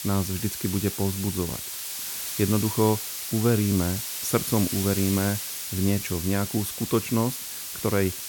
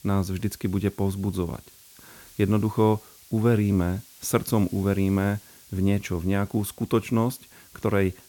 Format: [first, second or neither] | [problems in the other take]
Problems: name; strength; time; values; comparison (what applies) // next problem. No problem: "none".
second | hiss; loud; throughout; 4 dB below the speech; faint in the second